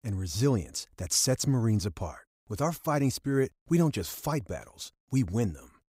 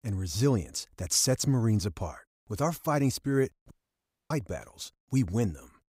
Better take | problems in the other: first | audio cutting out; at 3.5 s for 0.5 s

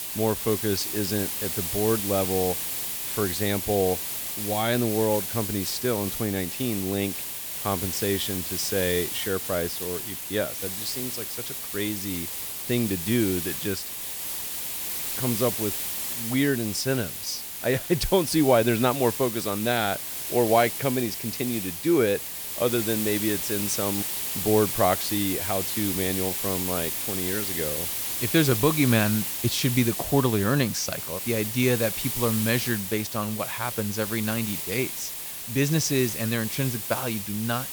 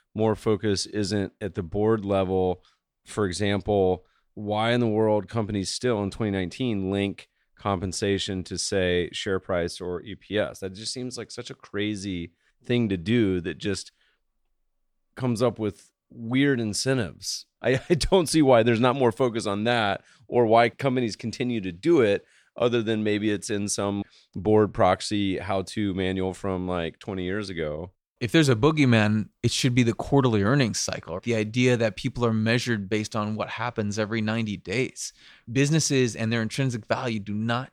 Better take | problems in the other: second | hiss; loud; throughout; 2 dB below the speech

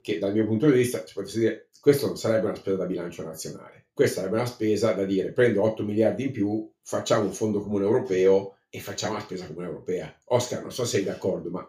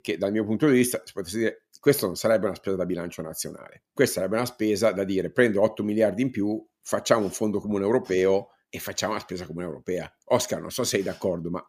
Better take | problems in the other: second | room echo; very slight; dies away in 0.3 s // off-mic speech; somewhat distant

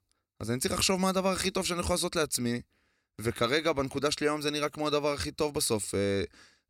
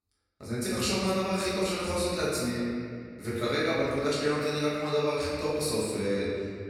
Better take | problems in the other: first | room echo; strong; dies away in 2.3 s // off-mic speech; far

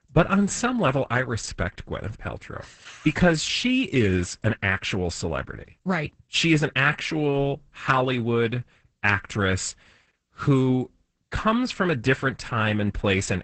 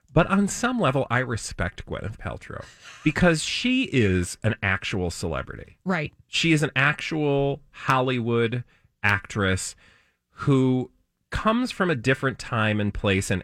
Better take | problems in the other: second | garbled, watery; badly; nothing above 8 kHz

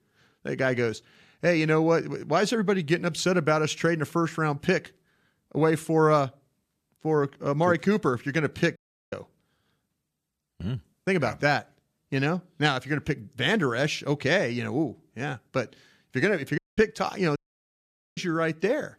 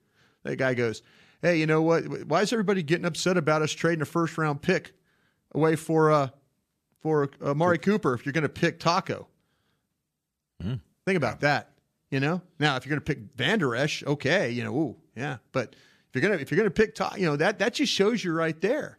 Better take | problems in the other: second | audio cutting out; at 9 s and at 17 s for 1 s

